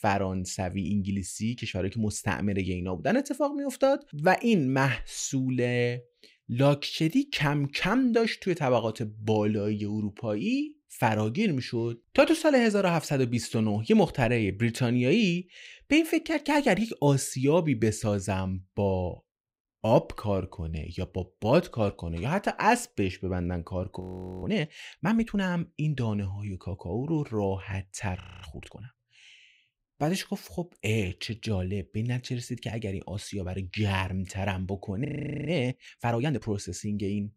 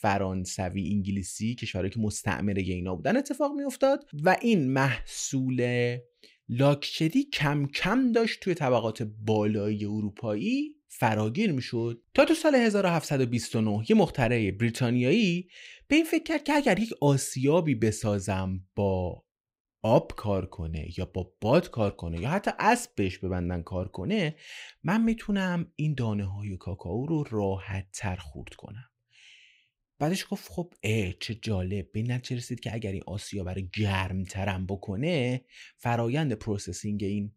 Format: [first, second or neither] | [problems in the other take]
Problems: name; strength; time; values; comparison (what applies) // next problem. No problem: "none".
second | audio freezing; at 24 s, at 28 s and at 35 s